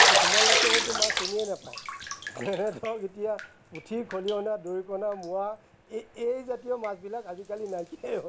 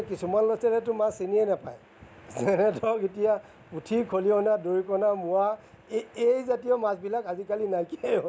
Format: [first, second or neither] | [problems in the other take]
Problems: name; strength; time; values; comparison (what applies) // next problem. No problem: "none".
second | background sound (Bathtub (filling or washing)); 4 dB above the speech